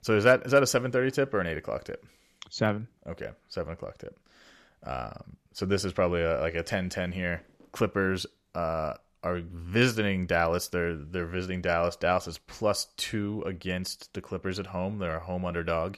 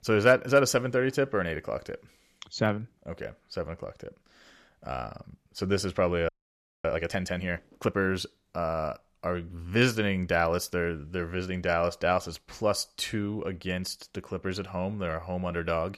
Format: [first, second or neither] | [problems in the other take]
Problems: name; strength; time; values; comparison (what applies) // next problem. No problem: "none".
first | audio freezing; at 6.5 s for 0.5 s